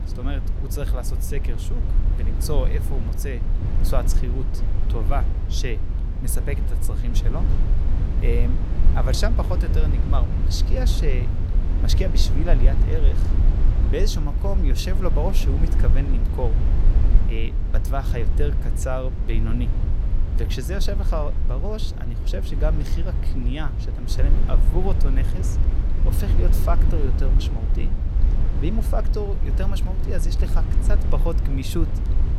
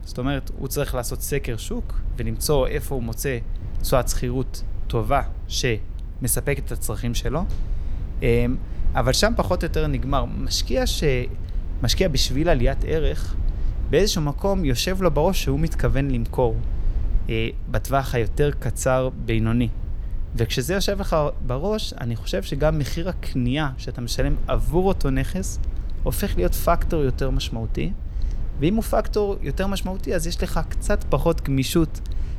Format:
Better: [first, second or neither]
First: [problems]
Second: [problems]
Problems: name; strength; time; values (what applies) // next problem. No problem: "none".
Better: second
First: low rumble; loud; throughout; 6 dB below the speech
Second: low rumble; faint; throughout; 20 dB below the speech